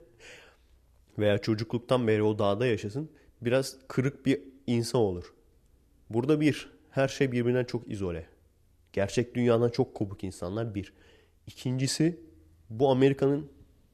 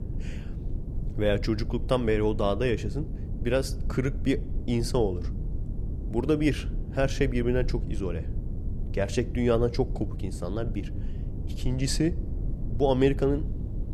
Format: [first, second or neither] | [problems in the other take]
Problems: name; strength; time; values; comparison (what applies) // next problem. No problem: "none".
first | low rumble; noticeable; throughout; 15 dB below the speech